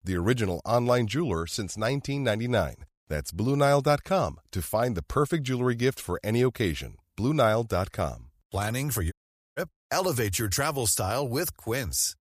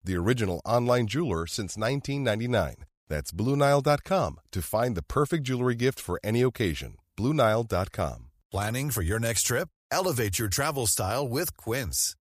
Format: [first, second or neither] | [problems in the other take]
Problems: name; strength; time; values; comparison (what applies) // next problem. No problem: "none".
second | audio cutting out; at 9 s